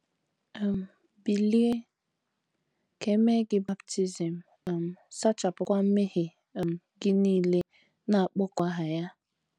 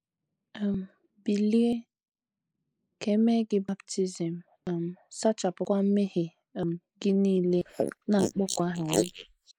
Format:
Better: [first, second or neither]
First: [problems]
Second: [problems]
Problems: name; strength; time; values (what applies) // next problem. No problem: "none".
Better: first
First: none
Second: noise reduction (neural mask model Resemble Enhance denoiser)